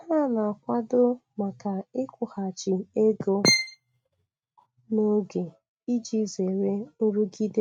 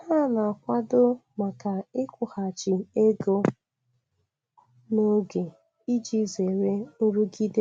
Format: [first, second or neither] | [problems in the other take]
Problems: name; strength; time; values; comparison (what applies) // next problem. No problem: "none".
second | noise reduction (neural mask model RNNoise)